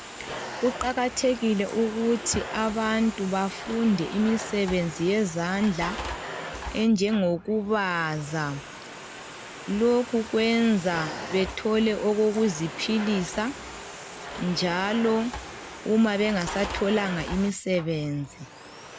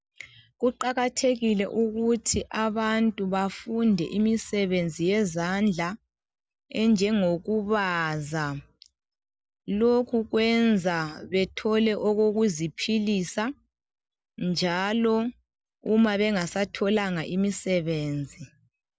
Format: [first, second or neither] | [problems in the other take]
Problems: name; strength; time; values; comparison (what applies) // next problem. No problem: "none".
second | background sound (Domestic sounds, home sounds); 12 dB below the speech